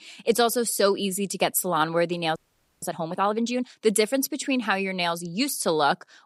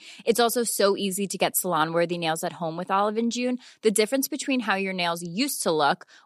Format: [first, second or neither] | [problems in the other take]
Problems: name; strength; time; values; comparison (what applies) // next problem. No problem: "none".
second | audio freezing; at 2.5 s